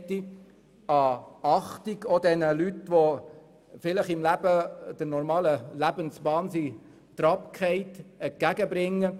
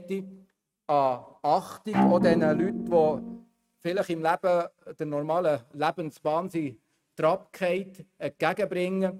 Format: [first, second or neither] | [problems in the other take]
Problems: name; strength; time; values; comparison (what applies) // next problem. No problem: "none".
first | noise reduction (neural mask model RNNoise)